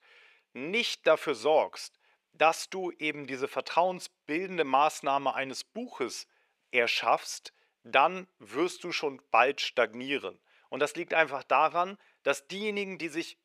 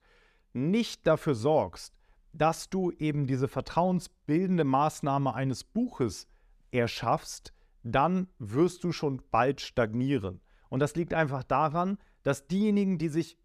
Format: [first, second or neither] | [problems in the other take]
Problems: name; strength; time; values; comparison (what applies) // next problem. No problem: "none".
second | thin; very; fading below 500 Hz